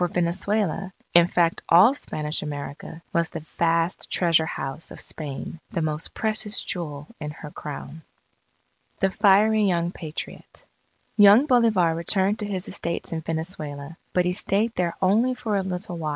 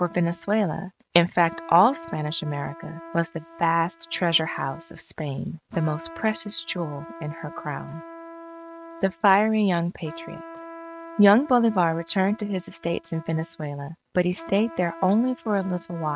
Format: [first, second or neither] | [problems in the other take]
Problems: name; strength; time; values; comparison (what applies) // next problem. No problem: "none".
first | noise reduction (neural mask model RNNoise)